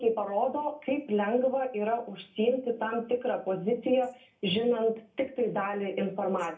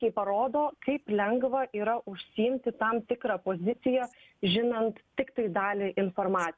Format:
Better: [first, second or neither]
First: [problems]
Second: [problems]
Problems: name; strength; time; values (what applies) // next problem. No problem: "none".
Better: second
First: room echo; dies away in 0.3 s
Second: none